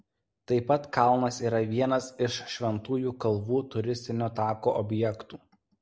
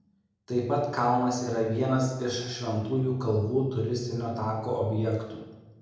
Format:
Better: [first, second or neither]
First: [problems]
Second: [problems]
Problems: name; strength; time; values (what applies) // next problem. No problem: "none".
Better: first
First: none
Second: room echo; dies away in 0.9 s